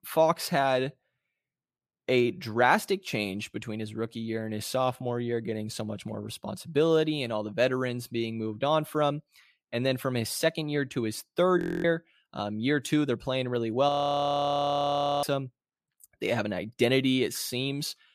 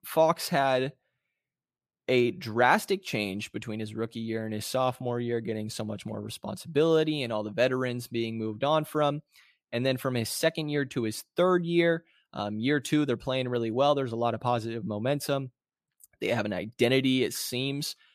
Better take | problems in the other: second | audio freezing; at 12 s and at 14 s for 1.5 s

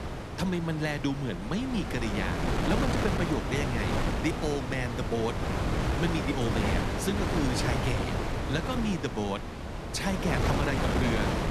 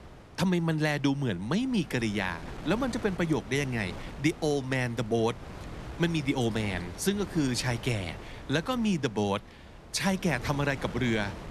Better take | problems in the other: second | wind noise on the microphone; heavy; 1 dB above the speech; occasional gusts in the second

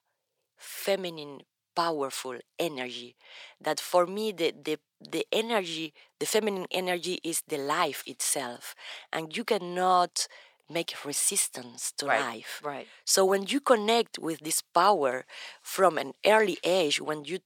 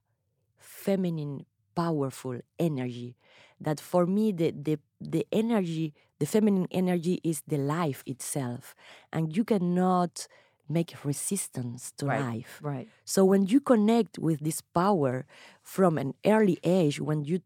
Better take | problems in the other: second | thin; very; fading below 550 Hz

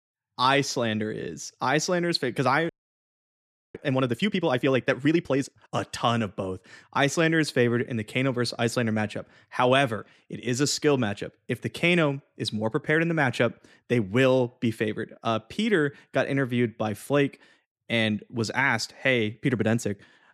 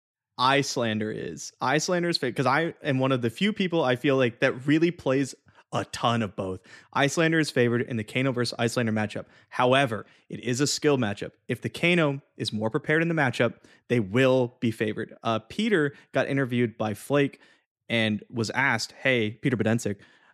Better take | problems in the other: second | audio freezing; at 2.5 s for 1 s

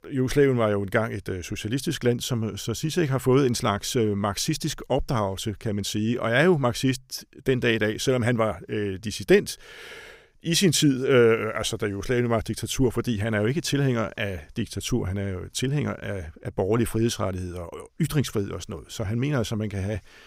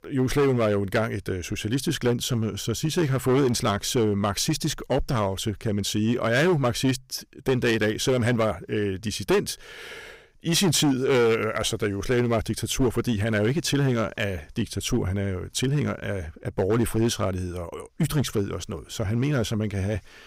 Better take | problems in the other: first | distortion; slight; 6% of the sound clipped

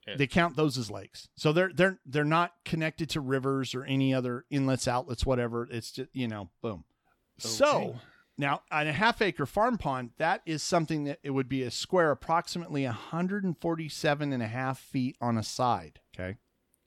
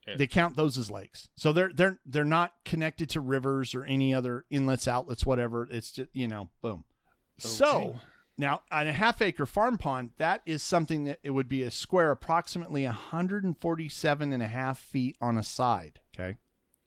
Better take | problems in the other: first | garbled, watery; slightly; nothing above 17.5 kHz

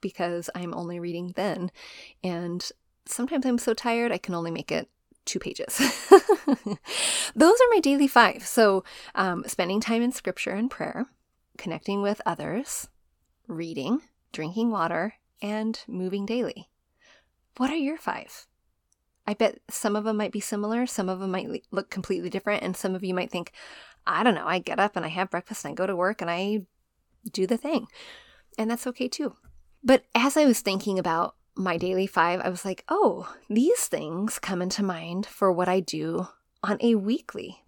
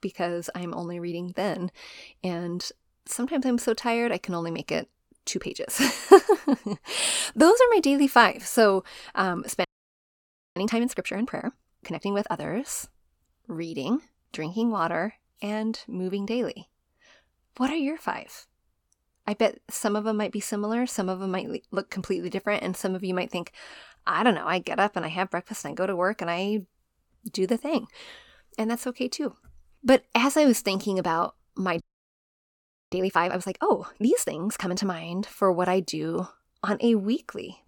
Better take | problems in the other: first | audio freezing; at 9.5 s for 1 s and at 32 s for 1 s

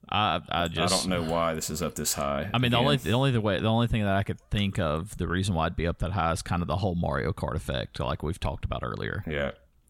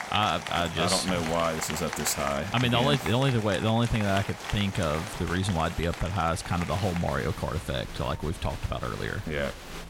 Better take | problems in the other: first | crowd noise; loud; throughout; 9 dB below the speech

